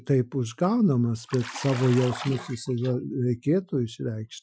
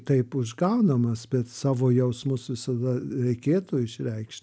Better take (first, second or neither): second